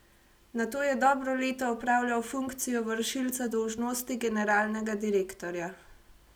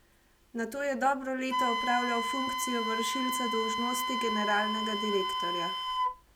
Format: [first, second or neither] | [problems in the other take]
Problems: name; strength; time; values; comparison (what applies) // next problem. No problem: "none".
first | background sound (Wind instrument, woodwind instrument); as loud as the speech